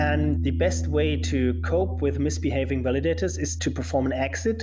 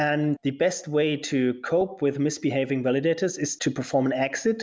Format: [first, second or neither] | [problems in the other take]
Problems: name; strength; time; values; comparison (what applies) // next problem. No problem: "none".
second | background sound (Piano); 2 dB below the speech